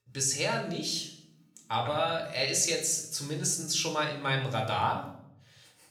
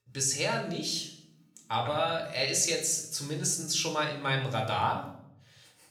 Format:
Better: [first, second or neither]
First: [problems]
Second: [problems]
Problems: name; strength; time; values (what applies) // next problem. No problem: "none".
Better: neither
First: room echo; slight; dies away in 0.7 s // off-mic speech; somewhat distant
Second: room echo; slight; dies away in 0.7 s // off-mic speech; somewhat distant